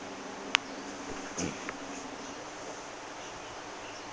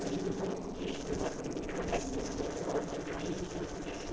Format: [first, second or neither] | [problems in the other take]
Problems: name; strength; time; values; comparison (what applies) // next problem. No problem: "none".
first | noise reduction (neural separator model SepFormer DNS4)